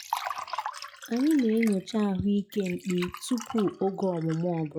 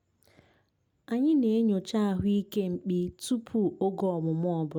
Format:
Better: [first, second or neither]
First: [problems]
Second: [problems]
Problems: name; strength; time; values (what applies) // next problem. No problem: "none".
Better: second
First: noise reduction (classical method log-MMSE)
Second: none